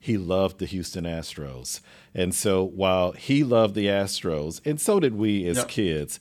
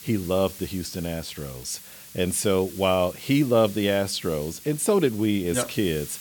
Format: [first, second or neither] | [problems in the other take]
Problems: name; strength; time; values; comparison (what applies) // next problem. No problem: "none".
first | hiss; noticeable; throughout; 15 dB below the speech